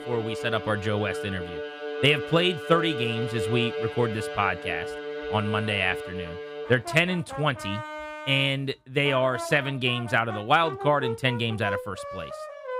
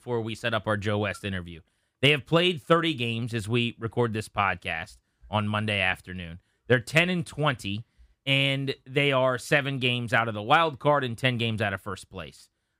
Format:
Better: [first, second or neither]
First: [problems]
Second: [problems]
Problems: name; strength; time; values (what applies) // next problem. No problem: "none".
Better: second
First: background music; loud; throughout; 9 dB below the speech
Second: none